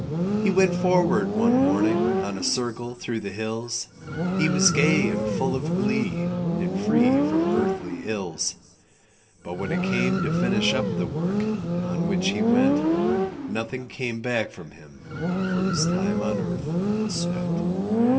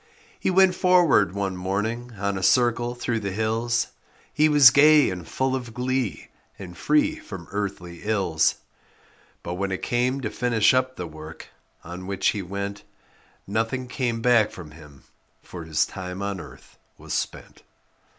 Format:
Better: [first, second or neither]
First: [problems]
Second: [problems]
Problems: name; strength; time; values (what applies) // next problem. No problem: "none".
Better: second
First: background sound (Motorcycle); 4 dB above the speech // room echo; dies away in 2.3 s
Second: none